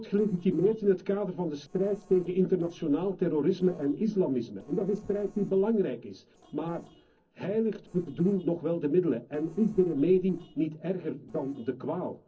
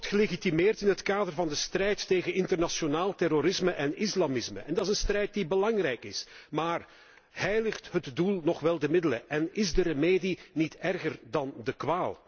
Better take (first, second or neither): second